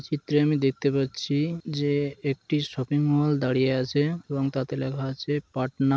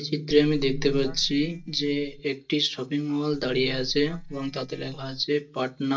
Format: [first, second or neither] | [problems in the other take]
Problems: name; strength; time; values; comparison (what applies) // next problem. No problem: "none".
first | noise reduction (neural mask model DeepFilterNet 3)